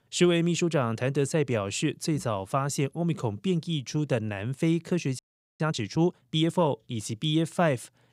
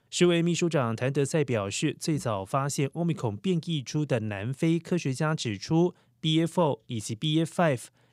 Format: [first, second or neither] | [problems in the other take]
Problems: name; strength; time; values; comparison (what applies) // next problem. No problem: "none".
second | audio freezing; at 5 s